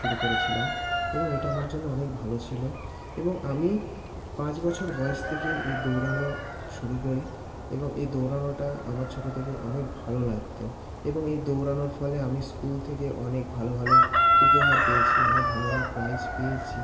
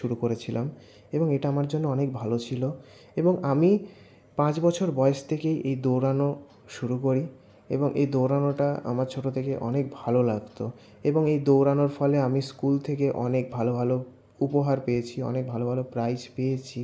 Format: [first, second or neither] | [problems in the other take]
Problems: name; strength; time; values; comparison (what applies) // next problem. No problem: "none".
second | background sound (Chicken, rooster); 2 dB above the speech // room echo; dies away in 1.8 s